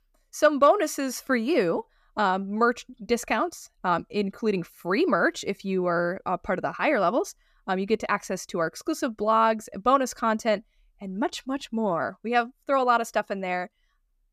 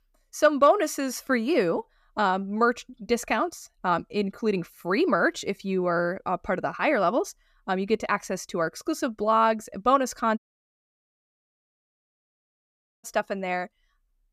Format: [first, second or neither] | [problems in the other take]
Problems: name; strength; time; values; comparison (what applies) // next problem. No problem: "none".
first | audio cutting out; at 10 s for 2.5 s